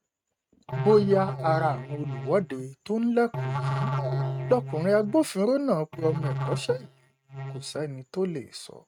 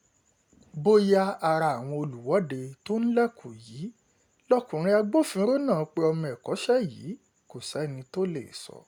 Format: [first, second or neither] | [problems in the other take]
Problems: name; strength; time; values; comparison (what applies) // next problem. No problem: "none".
second | noise reduction (neural mask model RNNoise)